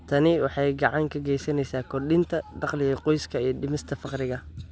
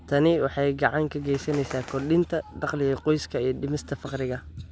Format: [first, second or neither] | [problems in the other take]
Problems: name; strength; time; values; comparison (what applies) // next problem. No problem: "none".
first | background sound (Bird); 20 dB below the speech